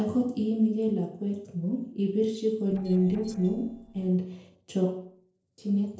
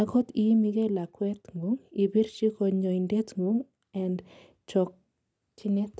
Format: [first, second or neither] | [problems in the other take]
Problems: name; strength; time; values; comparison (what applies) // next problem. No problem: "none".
second | noise reduction (neural separator model SepFormer DNS4)